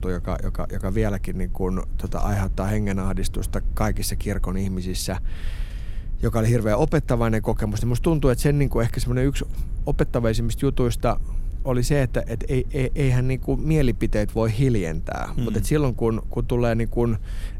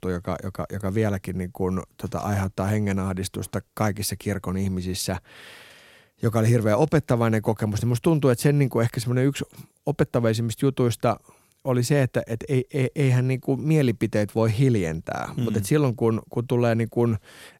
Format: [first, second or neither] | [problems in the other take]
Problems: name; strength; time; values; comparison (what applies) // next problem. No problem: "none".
second | low rumble; faint; throughout; 25 dB below the speech